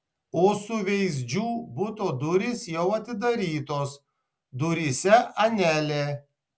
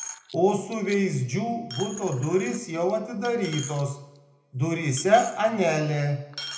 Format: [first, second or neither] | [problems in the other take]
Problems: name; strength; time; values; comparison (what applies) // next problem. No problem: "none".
first | background sound (Coin (dropping)); 17 dB below the speech // room echo; dies away in 0.7 s